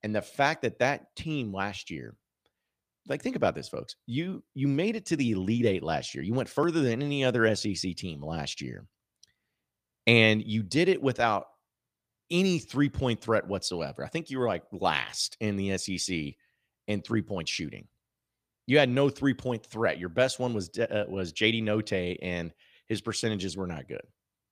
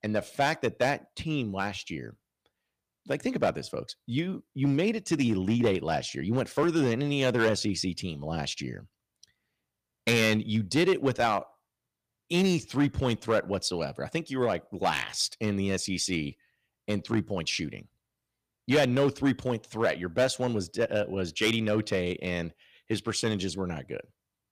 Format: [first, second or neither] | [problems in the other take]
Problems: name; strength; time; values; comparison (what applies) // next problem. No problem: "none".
first | distortion; slight; 2% of the sound clipped